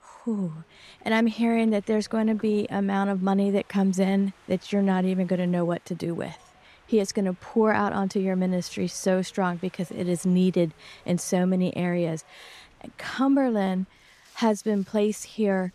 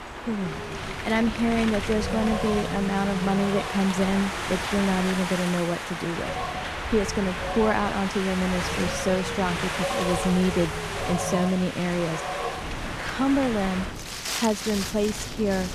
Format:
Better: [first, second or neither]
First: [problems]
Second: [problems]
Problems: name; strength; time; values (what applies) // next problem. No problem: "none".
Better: first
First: wind in the background; faint; throughout; 30 dB below the speech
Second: wind in the background; loud; throughout; 4 dB below the speech